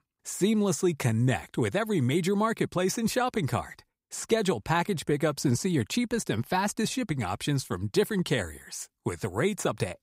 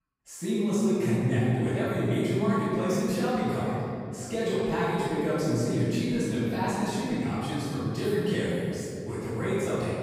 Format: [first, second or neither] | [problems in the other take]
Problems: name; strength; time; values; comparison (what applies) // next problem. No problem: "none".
first | off-mic speech; far // room echo; strong; dies away in 2.7 s